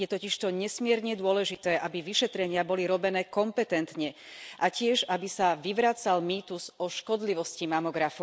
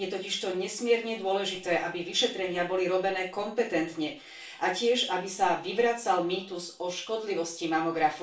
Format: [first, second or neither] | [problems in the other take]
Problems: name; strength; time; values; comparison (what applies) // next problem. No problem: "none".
first | room echo; dies away in 0.3 s